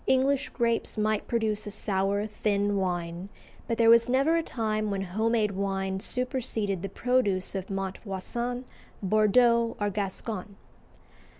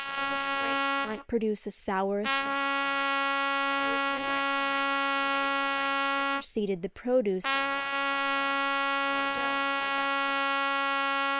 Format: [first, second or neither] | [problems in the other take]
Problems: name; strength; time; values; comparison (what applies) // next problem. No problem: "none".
first | noise reduction (neural separator model SepFormer WHAM!)